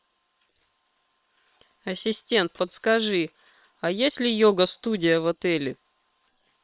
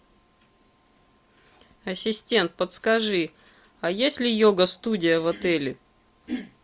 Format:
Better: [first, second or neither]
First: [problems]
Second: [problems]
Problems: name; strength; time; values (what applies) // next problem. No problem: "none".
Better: second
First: noise reduction (neural separator model SepFormer WHAM!)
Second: none